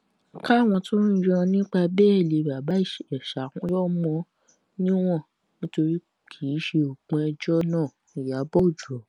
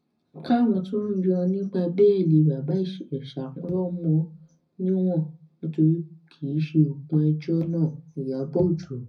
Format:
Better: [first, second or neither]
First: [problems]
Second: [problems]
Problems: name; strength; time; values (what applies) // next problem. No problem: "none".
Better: first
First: none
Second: room echo; dies away in 0.4 s